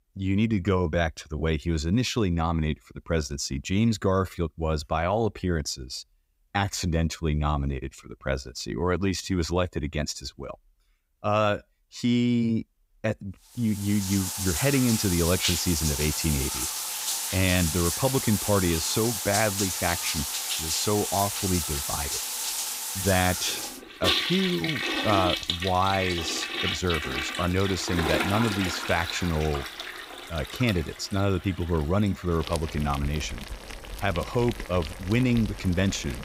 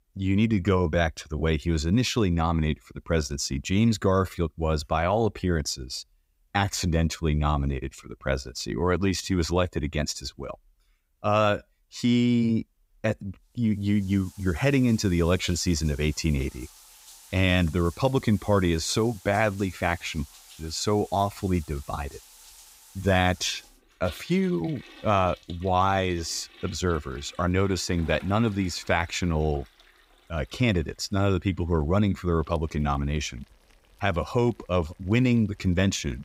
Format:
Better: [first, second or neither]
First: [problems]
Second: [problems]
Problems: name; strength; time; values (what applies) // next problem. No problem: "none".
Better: second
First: household noises; loud; from 14 s on; 2 dB below the speech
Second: household noises; faint; from 14 s on; 25 dB below the speech